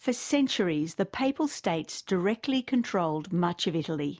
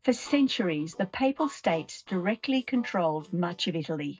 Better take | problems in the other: first | noise reduction (neural mask model DeepFilterNet 3)

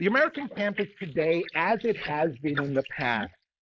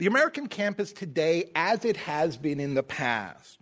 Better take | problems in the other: second | noise reduction (neural mask model Resemble Enhance denoiser)

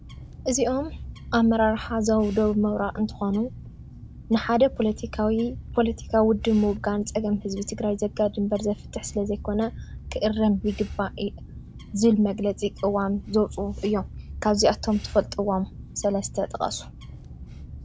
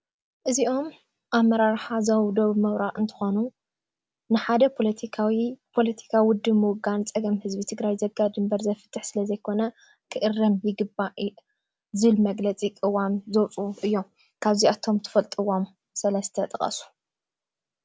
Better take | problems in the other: second | background sound (Bird); 13 dB below the speech

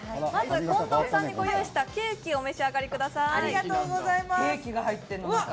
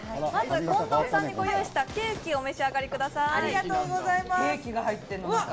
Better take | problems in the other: first | background sound (Gunshot, gunfire + Crowd); 18 dB below the speech

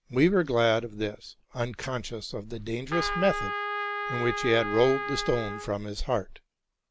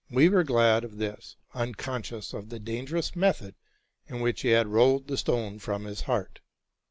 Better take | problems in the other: second | background sound (Trumpet); 5 dB below the speech

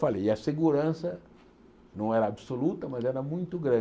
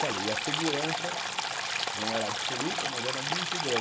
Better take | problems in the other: first | background sound (Stream); 4 dB above the speech

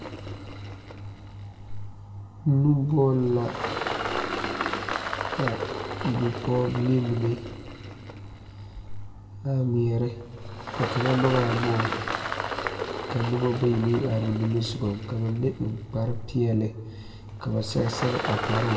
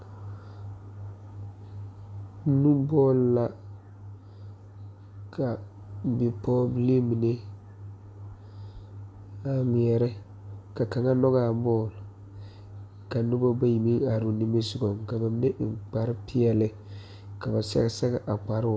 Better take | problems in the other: second | background sound (Engine); 6 dB below the speech // room echo; dies away in 1.1 s

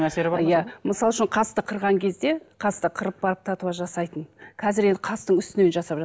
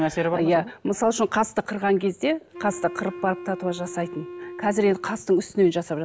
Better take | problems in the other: first | background sound (Wind instrument, woodwind instrument); 14 dB below the speech

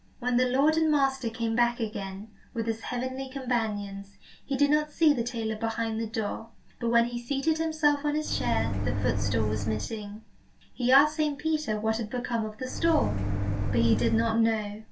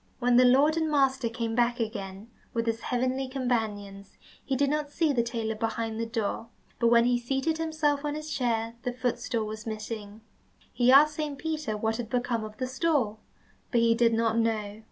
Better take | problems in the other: second | background sound (Microwave oven); as loud as the speech // room echo; dies away in 0.2 s

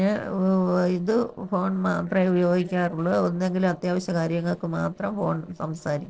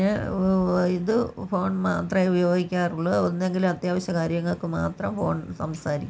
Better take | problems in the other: second | noise reduction (neural separator model SepFormer DNS4)

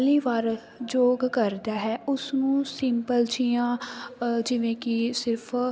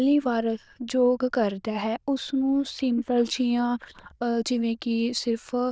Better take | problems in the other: first | noise reduction (neural diffusion model UNIVERSE++)

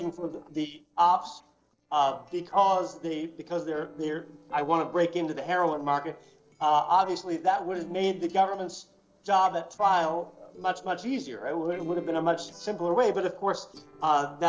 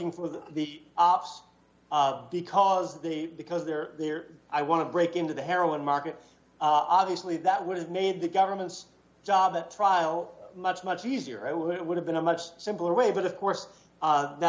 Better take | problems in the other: second | noise reduction (neural separator model SepFormer DNS4)

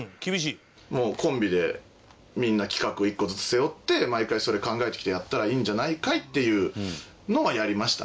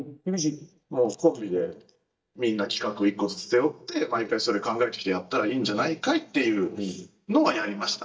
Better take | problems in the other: first | noise reduction (neural mask model DeepFilterNet 3)

